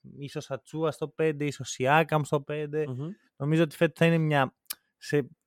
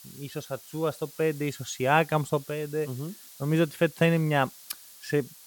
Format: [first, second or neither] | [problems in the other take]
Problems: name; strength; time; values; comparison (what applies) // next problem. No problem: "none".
first | hiss; noticeable; throughout; 20 dB below the speech